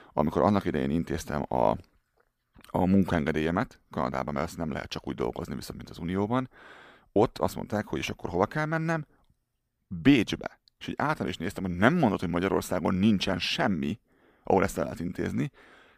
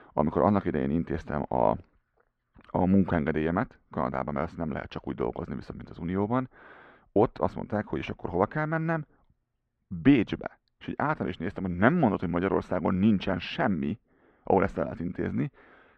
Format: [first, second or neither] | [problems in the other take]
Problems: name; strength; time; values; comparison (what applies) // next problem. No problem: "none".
first | muffled; very; fading above 2 kHz